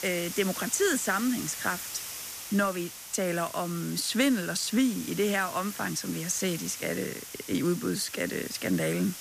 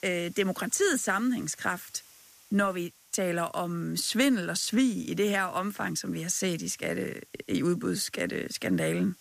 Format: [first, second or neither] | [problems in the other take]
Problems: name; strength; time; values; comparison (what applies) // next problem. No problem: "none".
second | hiss; loud; throughout; 9 dB below the speech; faint in the second